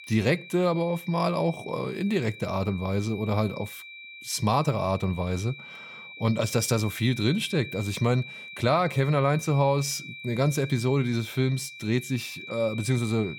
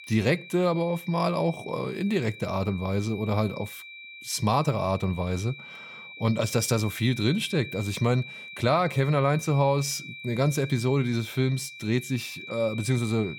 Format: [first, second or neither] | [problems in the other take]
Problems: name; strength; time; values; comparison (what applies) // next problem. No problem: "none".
neither | high-pitched whine; noticeable; throughout; 2.5 kHz, 15 dB below the speech; the same in both